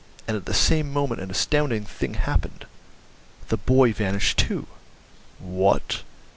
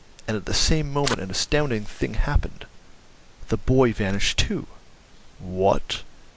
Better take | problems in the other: first | noise reduction (neural mask model Resemble Enhance denoiser)

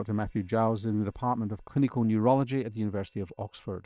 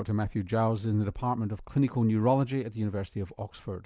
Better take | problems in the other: second | noise reduction (neural separator model SepFormer WHAM!)

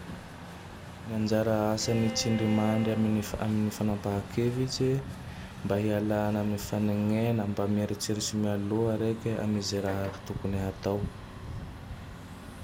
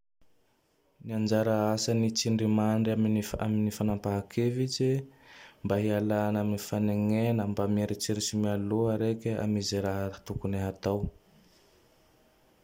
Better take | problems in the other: second | background sound (Truck + Bowed string instrument); 12 dB below the speech

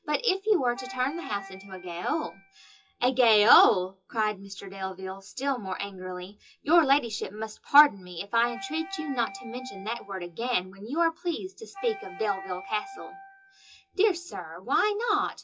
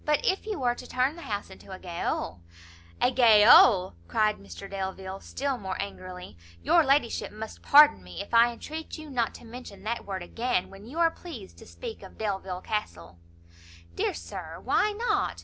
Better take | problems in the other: second | noise reduction (classical method WPE with log-MMSE)

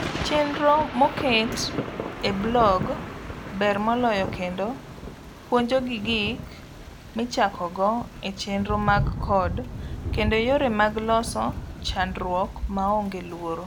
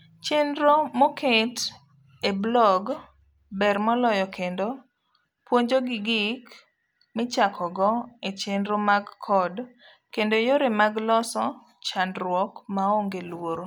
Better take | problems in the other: second | background sound (Thunder / Rain); 7 dB below the speech

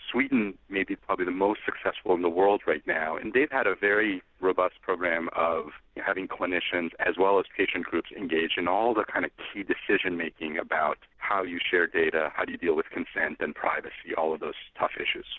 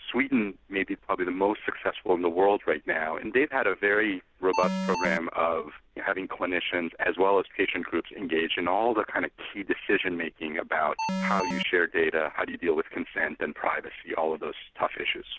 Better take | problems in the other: first | background sound (Alarm); 2 dB below the speech

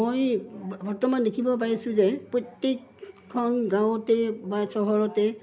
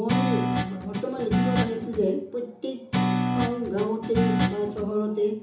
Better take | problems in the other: first | background sound (Guitar); 2 dB above the speech // room echo; dies away in 0.6 s

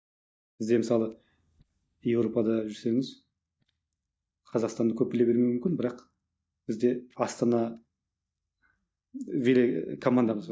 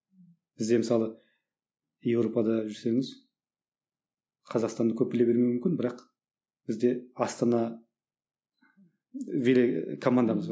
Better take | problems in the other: second | noise reduction (neural mask model DeepFilterNet 3)

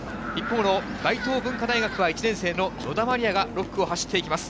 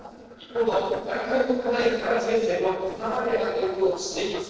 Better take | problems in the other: first | noise reduction (neural separator model SepFormer DNS4)

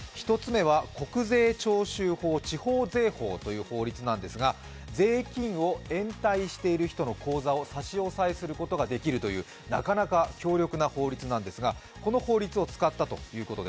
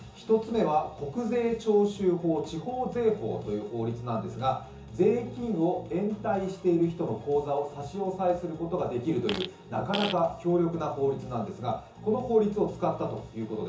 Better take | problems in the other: first | background sound (Fart); 9 dB below the speech // room echo; dies away in 0.6 s

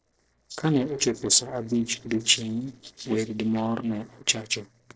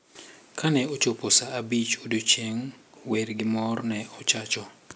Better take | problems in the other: second | noise reduction (neural separator model SepFormer DNS4)

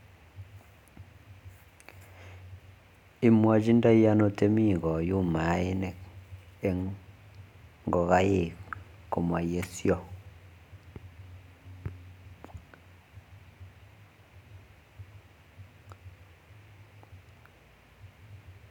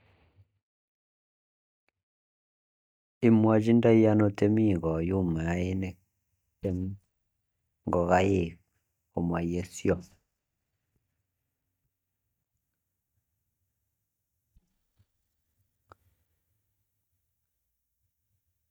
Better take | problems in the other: first | noise reduction (neural mask model DeepFilterNet 3)

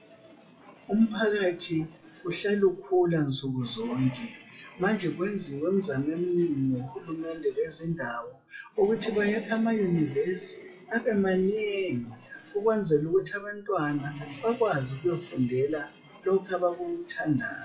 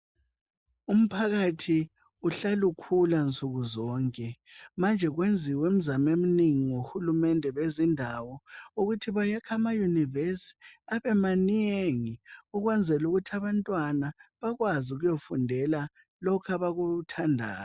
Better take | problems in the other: second | noise reduction (classical method WPE with log-MMSE)

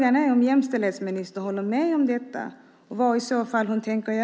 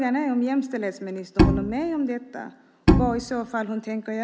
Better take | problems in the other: first | background sound (Bowed string instrument); 4 dB above the speech

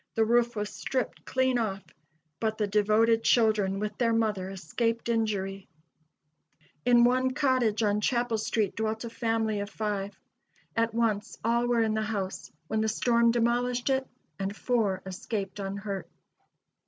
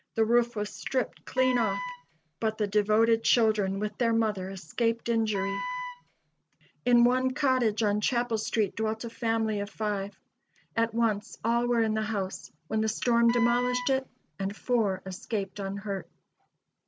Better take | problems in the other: first | background sound (Wind instrument, woodwind instrument); 8 dB below the speech

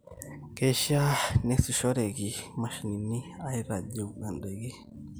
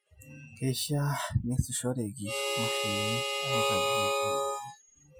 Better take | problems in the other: first | noise reduction (classical method Wiener filter)

